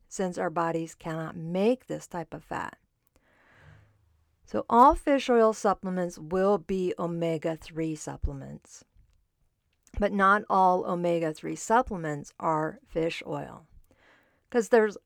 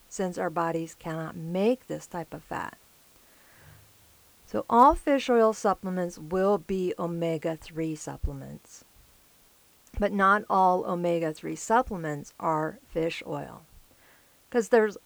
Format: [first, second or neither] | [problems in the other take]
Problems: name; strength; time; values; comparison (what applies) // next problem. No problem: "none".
first | hiss; faint; throughout; 30 dB below the speech